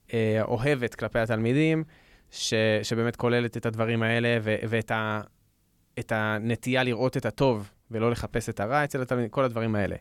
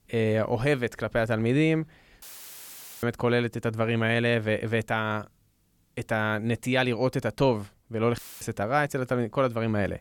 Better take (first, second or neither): first